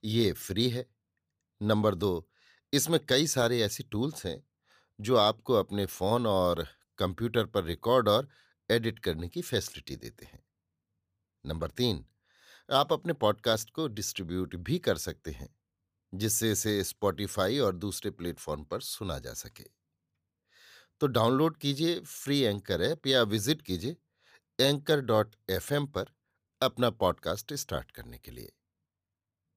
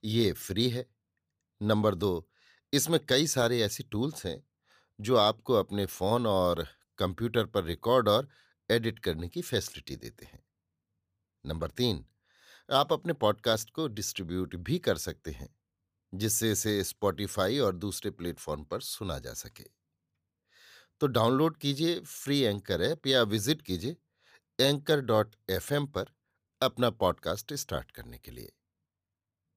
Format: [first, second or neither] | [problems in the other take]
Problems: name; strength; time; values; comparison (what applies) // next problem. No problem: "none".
neither | none